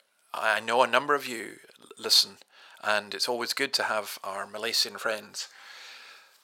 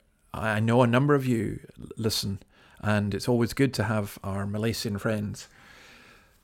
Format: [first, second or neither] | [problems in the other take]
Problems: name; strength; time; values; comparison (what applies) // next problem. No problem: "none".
second | thin; very; fading below 750 Hz